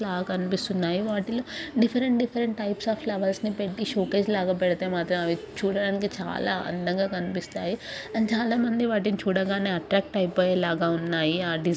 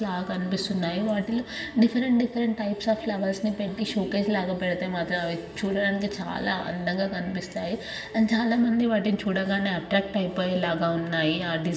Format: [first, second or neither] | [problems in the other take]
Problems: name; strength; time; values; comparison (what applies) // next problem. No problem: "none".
first | room echo; dies away in 0.8 s